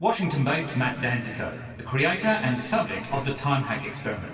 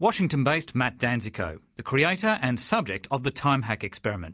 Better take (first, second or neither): second